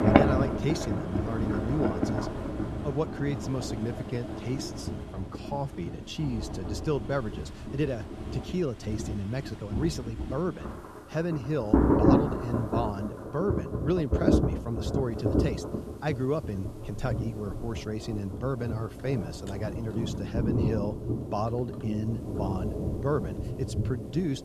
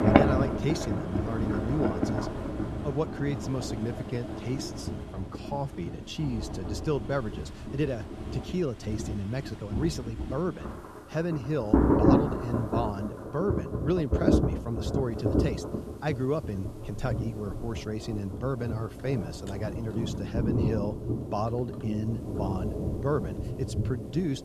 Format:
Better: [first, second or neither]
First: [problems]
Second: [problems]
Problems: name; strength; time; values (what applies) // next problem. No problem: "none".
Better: neither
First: rain or running water; very loud; throughout; 2 dB above the speech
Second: rain or running water; very loud; throughout; 2 dB above the speech